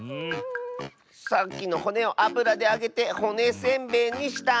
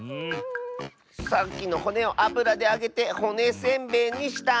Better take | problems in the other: first | background sound (Boom); 19 dB below the speech

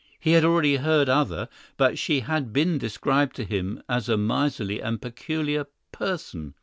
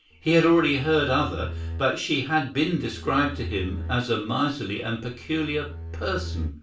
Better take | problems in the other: first | background sound (Bowed string instrument); 10 dB below the speech // room echo; dies away in 0.3 s

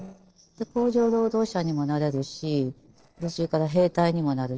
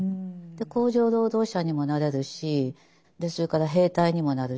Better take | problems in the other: second | noise reduction (neural separator model SepFormer DNS4)

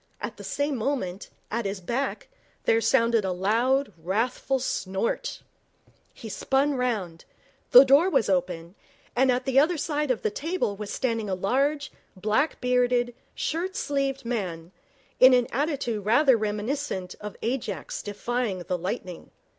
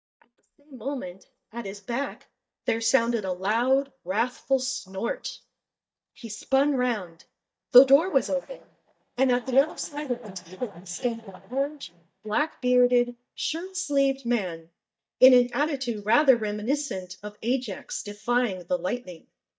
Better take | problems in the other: first | noise reduction (neural mask model DeepFilterNet 3)

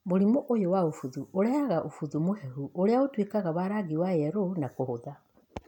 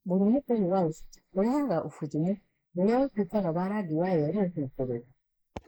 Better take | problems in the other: first | noise reduction (neural mask model Resemble Enhance denoiser)

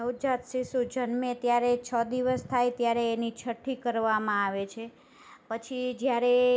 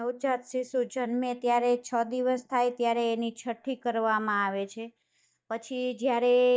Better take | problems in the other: first | noise reduction (neural mask model DeepFilterNet 3)

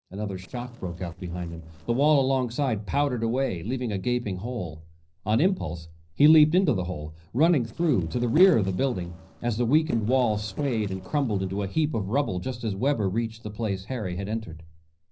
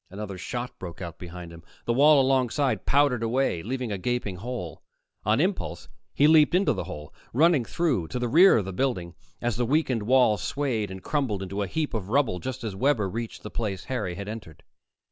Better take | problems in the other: second | noise reduction (neural separator model SepFormer DNS4)

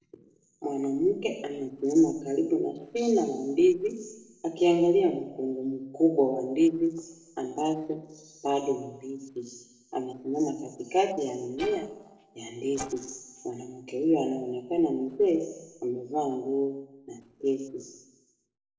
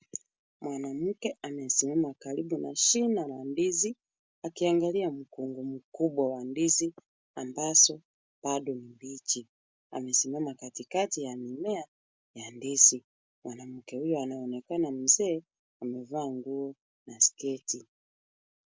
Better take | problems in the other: second | noise reduction (neural separator model SepFormer DNS4)

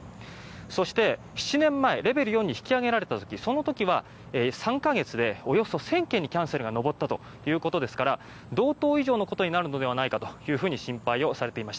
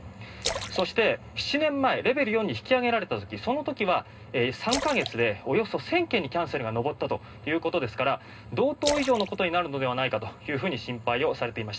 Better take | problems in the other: first | background sound (Splash, splatter); 11 dB below the speech // room echo; dies away in 0.2 s

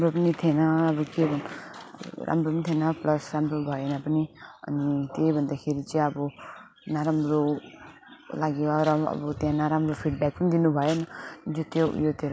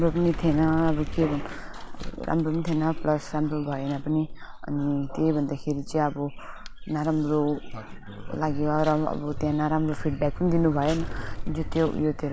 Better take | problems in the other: first | background sound (Sliding door); 7 dB below the speech

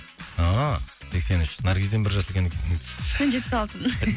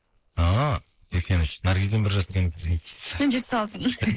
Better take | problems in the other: first | noise reduction (neural mask model Resemble Enhance denoiser)

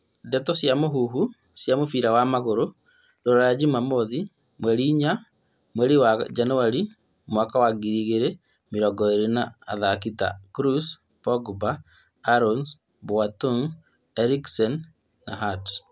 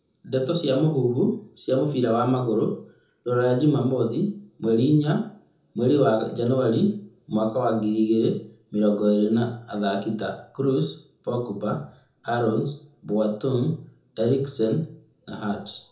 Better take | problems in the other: first | room echo; dies away in 0.5 s

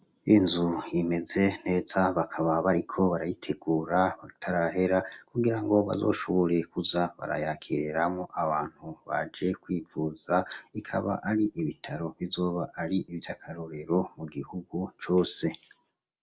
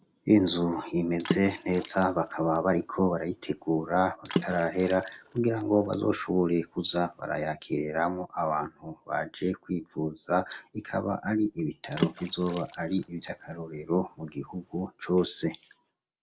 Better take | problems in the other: first | background sound (Water / Splash, splatter); 10 dB below the speech

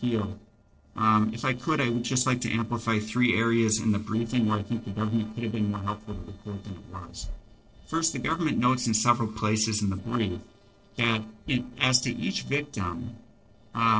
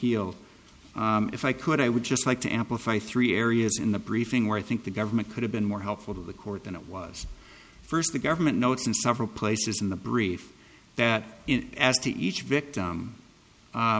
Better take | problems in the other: second | noise reduction (neural separator model SepFormer DNS4)

